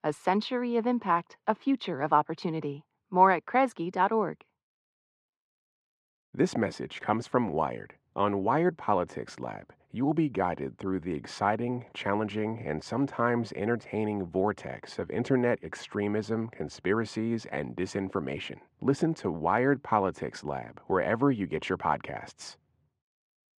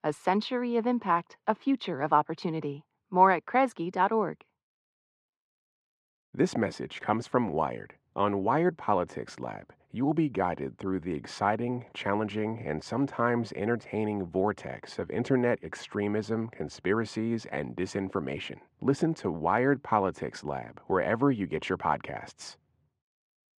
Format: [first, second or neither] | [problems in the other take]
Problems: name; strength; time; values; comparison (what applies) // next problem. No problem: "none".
neither | muffled; very; fading above 2.5 kHz; the same in both